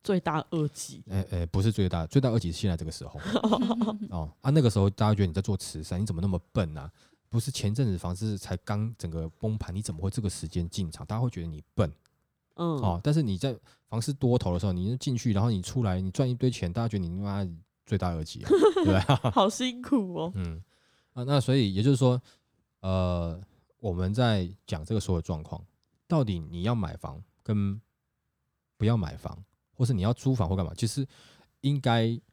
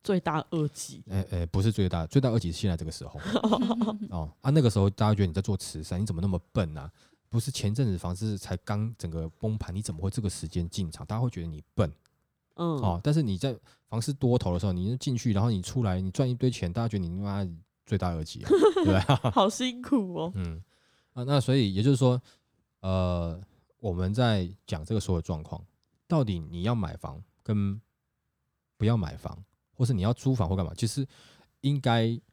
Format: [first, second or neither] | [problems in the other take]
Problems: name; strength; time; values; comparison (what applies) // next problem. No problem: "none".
neither | none